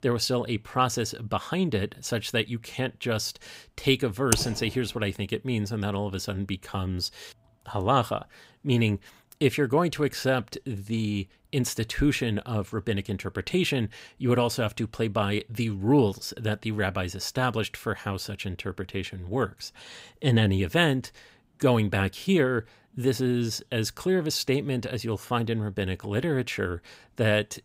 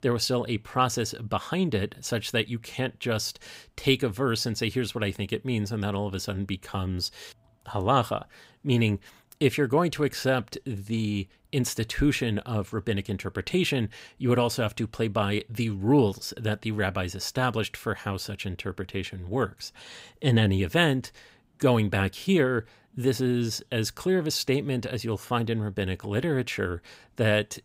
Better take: second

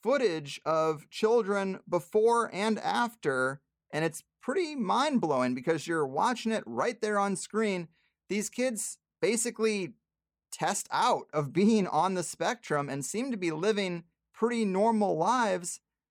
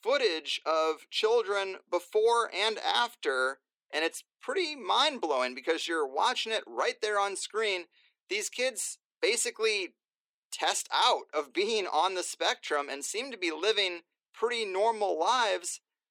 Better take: first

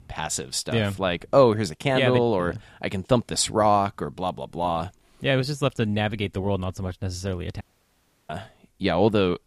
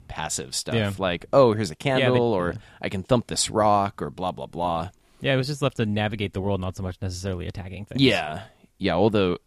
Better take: second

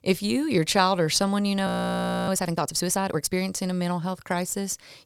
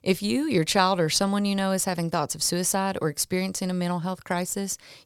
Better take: second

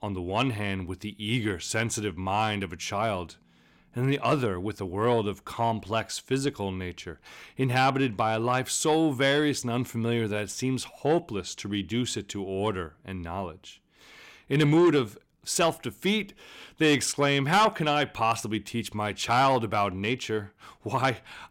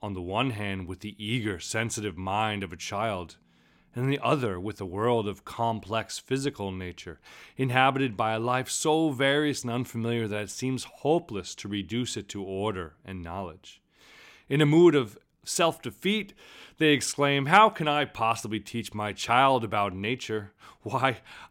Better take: second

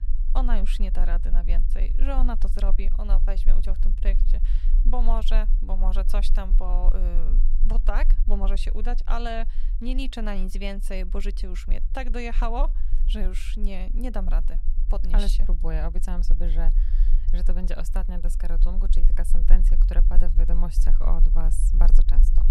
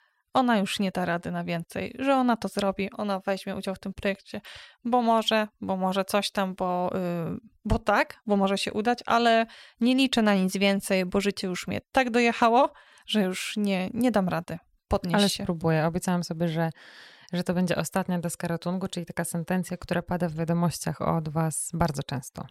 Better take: second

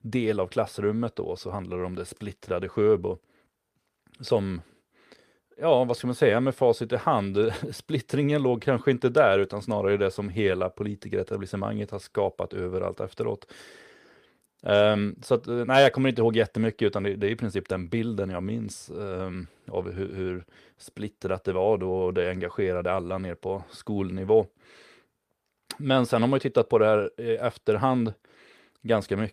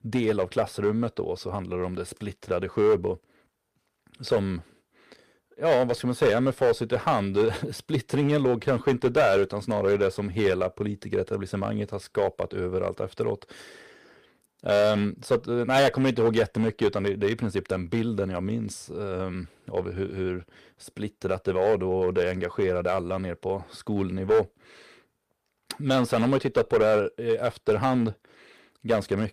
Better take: first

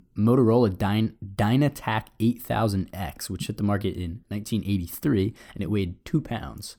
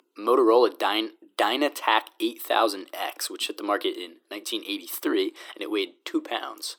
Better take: first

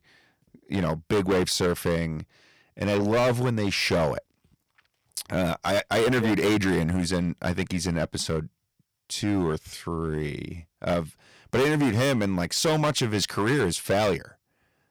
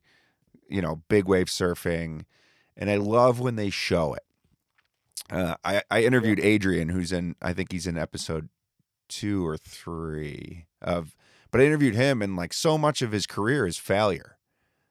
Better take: second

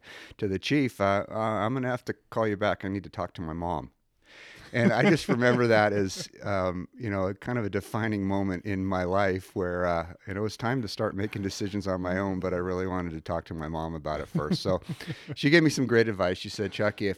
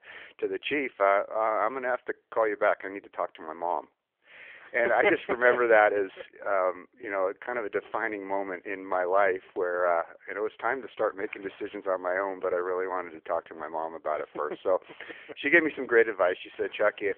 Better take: first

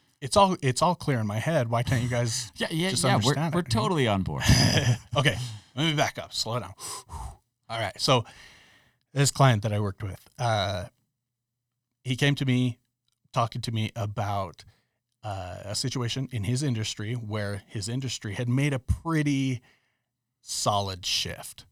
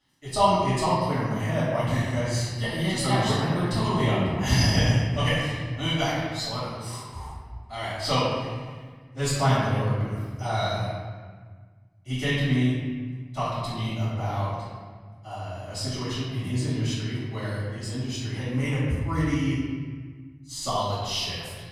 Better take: first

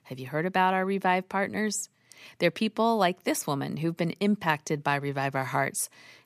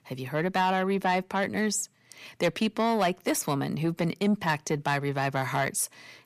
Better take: first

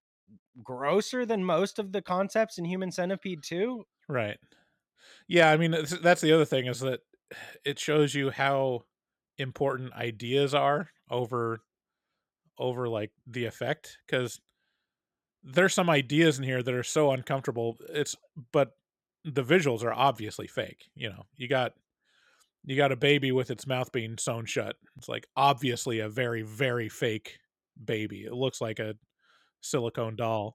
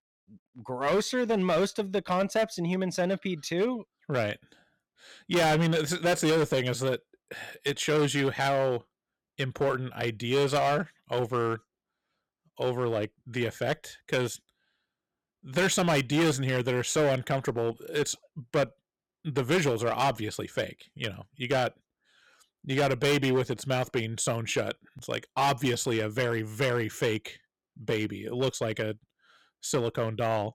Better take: first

